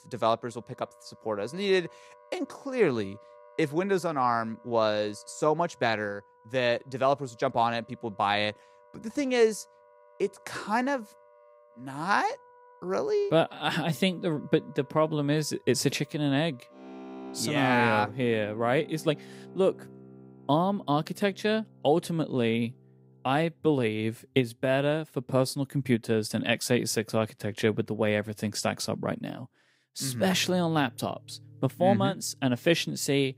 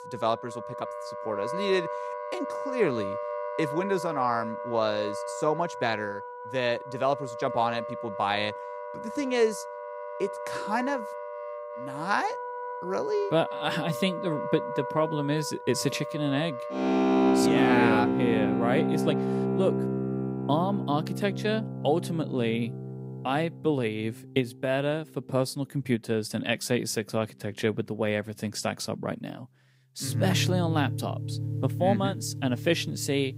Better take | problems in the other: first | background music; loud; throughout; 3 dB below the speech; faint in the first

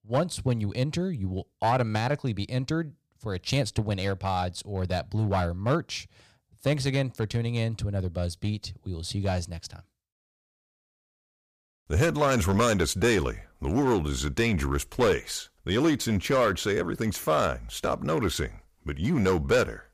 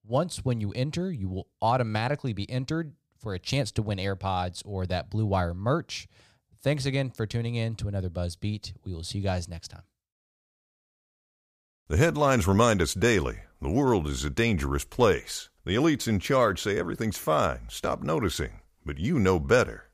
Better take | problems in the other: second | distortion; slight; 3% of the sound clipped

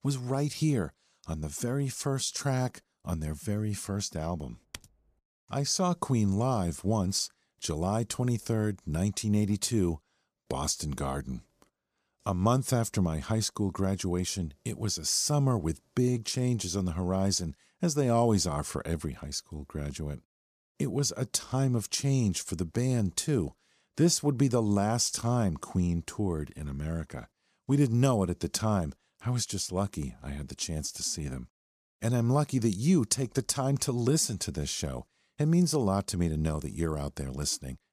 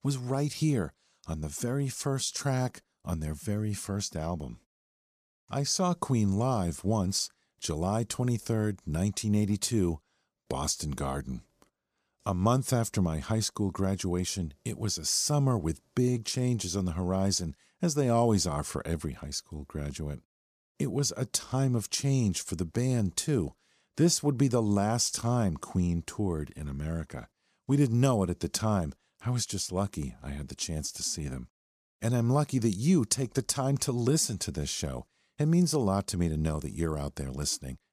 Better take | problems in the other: second | keyboard typing; faint; at 4.5 s; peak 15 dB below the speech

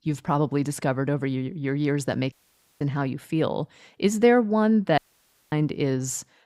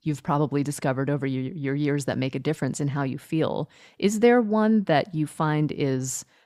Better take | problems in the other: second | audio cutting out; at 2.5 s and at 5 s for 0.5 s

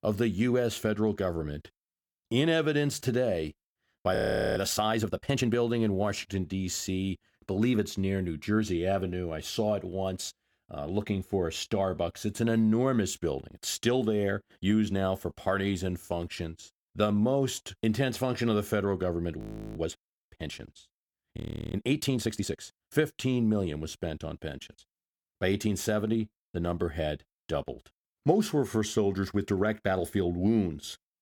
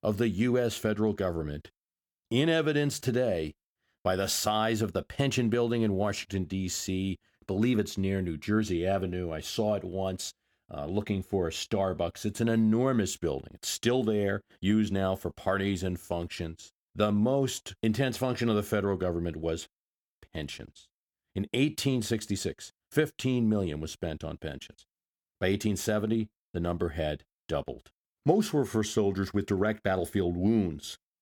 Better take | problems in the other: second | audio freezing; at 4 s, at 19 s and at 21 s

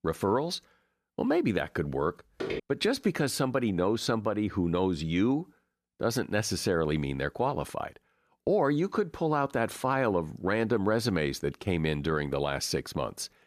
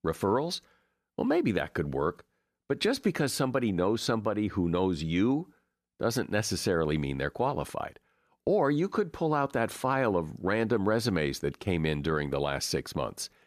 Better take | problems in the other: second | footsteps; noticeable; at 2.5 s; peak 6 dB below the speech

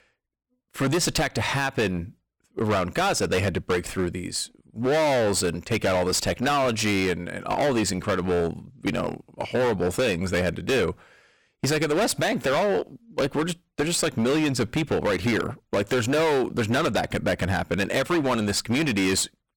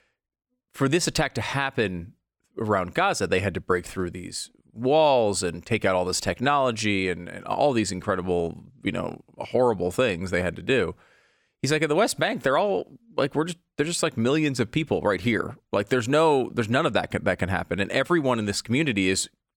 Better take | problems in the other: second | distortion; heavy; 18% of the sound clipped

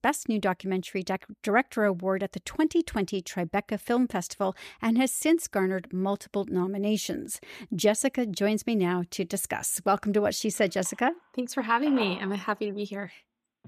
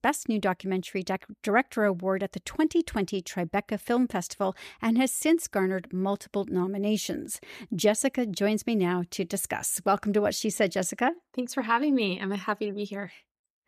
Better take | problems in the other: second | phone ringing; noticeable; from 11 s on; peak 9 dB below the speech

